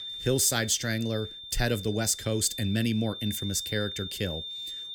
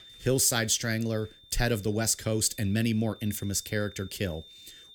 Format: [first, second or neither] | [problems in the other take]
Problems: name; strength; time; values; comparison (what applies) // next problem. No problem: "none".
second | high-pitched whine; loud; throughout; 3.5 kHz, 9 dB below the speech; faint in the second